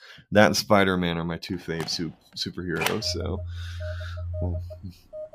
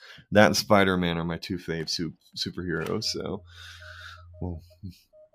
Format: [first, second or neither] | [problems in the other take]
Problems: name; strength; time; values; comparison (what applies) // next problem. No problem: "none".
second | alarms or sirens; loud; from 2 s on; 9 dB below the speech; faint in the second